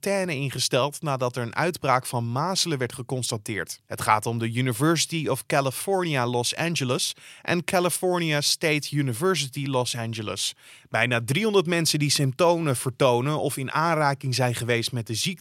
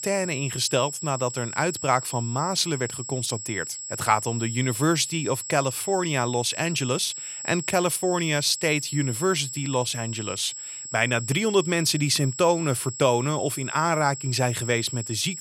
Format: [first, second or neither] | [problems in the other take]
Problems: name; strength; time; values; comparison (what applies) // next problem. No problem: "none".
first | high-pitched whine; loud; throughout; 7.5 kHz, 8 dB below the speech